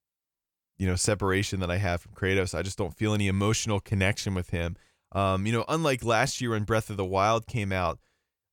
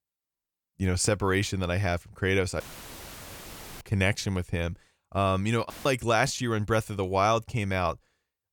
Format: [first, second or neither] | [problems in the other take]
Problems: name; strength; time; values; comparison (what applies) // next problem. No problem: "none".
first | audio cutting out; filled with static; at 2.5 s for 1 s and at 5.5 s